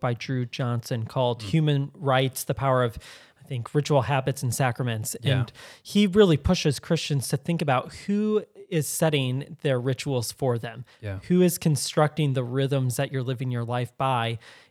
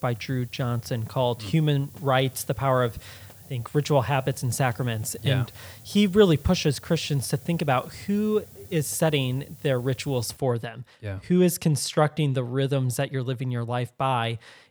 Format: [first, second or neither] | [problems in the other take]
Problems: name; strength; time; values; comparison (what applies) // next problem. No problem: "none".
first | hiss; faint; until 10 s; 20 dB below the speech